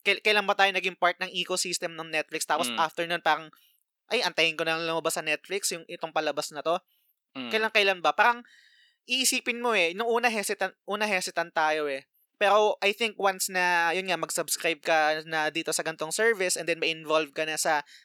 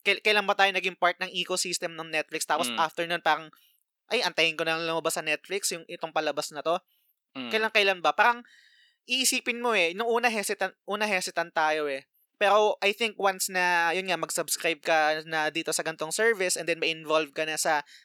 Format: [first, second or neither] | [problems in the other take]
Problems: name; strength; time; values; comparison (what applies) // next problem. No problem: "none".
neither | thin; somewhat; fading below 500 Hz; the same in both